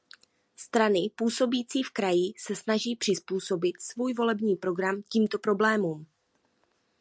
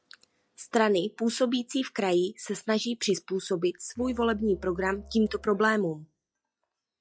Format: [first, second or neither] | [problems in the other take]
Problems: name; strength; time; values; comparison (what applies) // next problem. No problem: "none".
first | noise reduction (classical method log-MMSE)